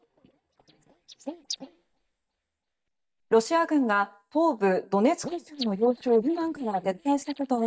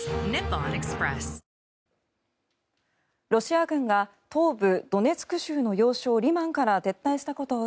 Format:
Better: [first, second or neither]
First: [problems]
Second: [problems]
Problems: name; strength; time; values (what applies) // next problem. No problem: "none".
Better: second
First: noise reduction (neural mask model DeepFilterNet 3)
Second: none